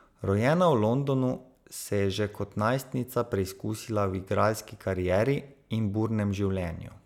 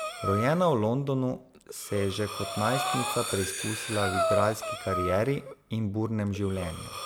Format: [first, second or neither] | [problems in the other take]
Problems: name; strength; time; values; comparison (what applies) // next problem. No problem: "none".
first | background sound (Breathing); 5 dB below the speech